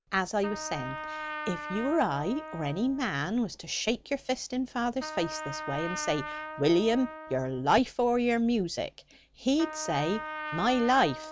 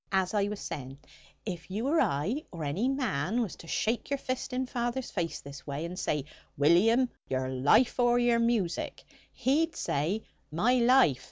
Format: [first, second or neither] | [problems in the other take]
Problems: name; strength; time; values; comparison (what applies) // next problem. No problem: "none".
second | background sound (Trumpet); 11 dB below the speech